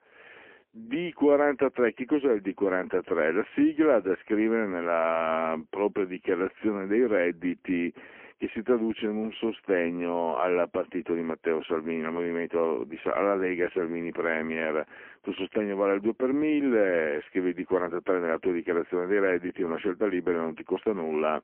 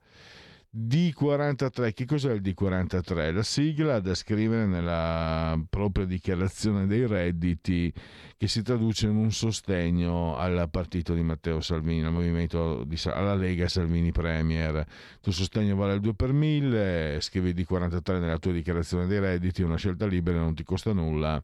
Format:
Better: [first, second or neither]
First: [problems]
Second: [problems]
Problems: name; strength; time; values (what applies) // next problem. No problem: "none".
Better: second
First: phone-call audio; poor line; nothing above 3 kHz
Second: none